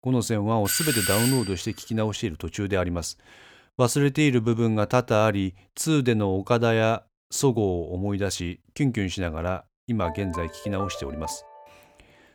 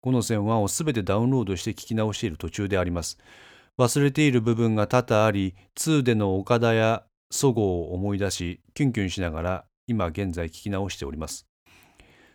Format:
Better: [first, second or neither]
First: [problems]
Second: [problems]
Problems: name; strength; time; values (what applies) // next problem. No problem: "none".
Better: second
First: doorbell; loud; at 0.5 s; peak 2 dB above the speech // phone ringing; noticeable; from 10 to 12 s; peak 10 dB below the speech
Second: none